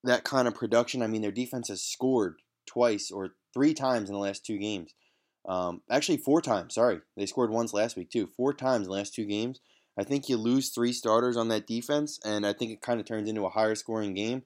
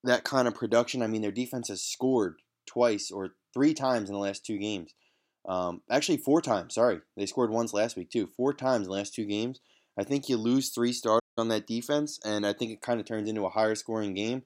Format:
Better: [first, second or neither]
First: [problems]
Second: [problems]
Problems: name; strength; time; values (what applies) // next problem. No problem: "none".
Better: first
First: none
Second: audio cutting out; at 11 s